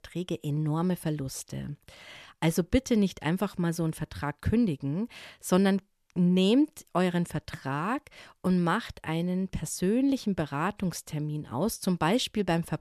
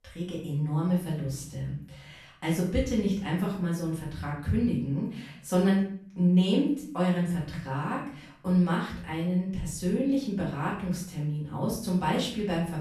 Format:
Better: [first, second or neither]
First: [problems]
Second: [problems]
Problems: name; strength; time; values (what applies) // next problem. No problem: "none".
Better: first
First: none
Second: off-mic speech; far // room echo; noticeable; dies away in 0.5 s